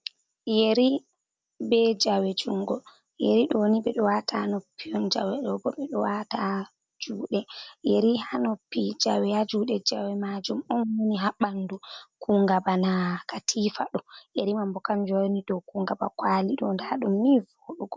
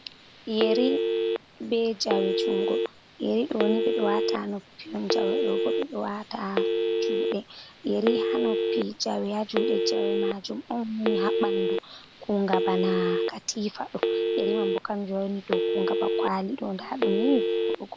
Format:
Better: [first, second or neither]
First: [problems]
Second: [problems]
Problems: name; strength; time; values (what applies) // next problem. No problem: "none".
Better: first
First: none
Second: background sound (Telephone); 2 dB above the speech